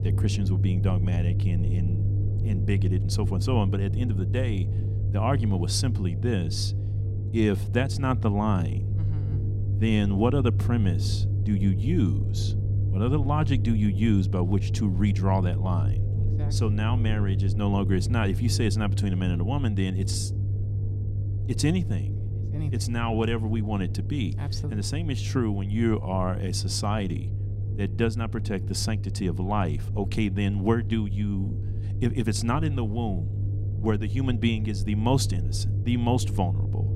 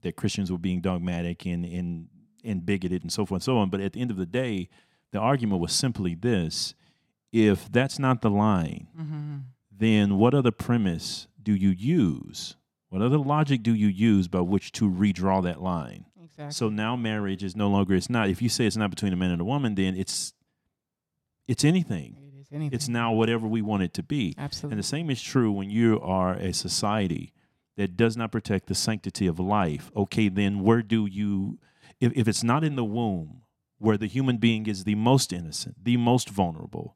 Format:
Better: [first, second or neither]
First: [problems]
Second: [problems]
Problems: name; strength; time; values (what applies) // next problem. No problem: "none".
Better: second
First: low rumble; loud; throughout; 10 dB below the speech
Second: none